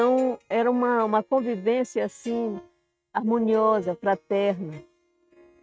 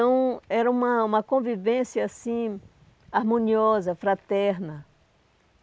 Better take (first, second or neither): second